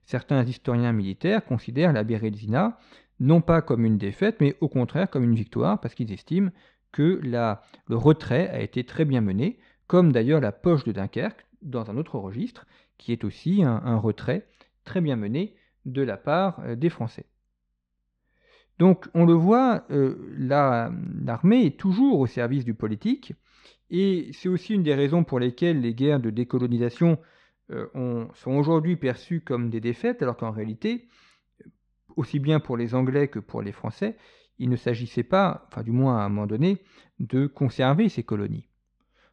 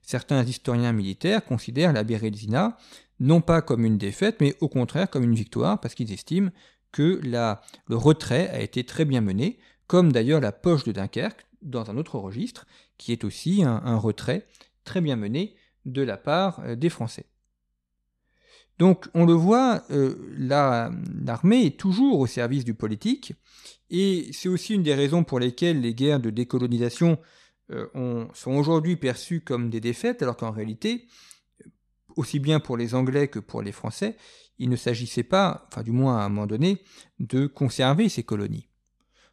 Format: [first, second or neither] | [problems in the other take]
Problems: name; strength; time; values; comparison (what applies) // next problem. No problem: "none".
second | muffled; slightly; fading above 2.5 kHz